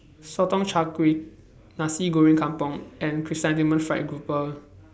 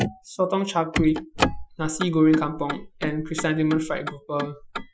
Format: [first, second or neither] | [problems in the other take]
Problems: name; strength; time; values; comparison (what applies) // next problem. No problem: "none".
first | noise reduction (classical method Wiener filter)